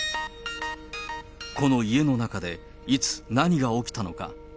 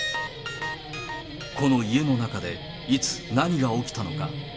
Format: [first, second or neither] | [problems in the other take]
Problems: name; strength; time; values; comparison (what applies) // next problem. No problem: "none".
first | background sound (Guitar); 10 dB below the speech // room echo; dies away in 0.6 s